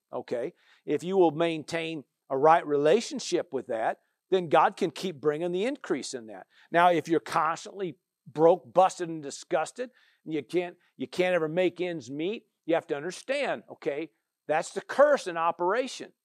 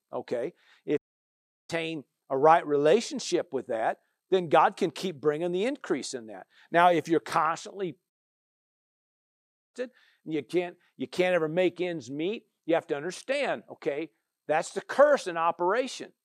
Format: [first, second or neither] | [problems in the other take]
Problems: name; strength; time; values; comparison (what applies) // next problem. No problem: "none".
first | audio cutting out; at 1 s for 0.5 s and at 8 s for 1.5 s